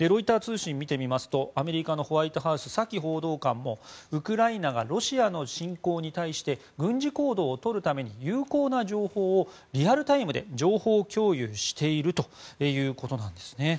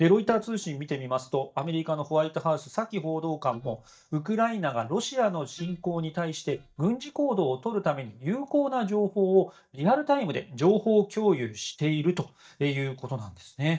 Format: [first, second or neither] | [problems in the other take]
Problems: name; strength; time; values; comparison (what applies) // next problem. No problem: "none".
first | noise reduction (neural mask model DeepFilterNet 3)